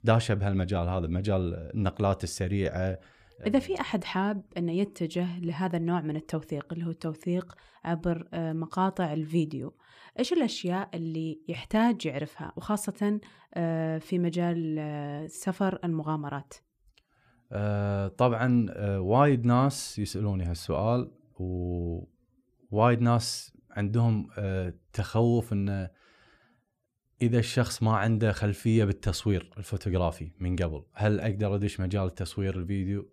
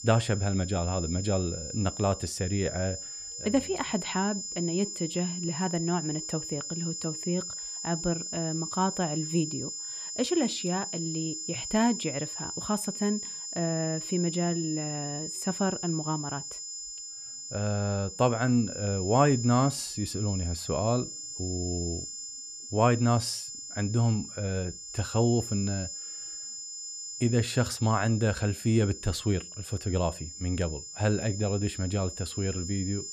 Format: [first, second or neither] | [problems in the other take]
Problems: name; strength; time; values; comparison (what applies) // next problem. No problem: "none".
first | high-pitched whine; loud; throughout; 7 kHz, 6 dB below the speech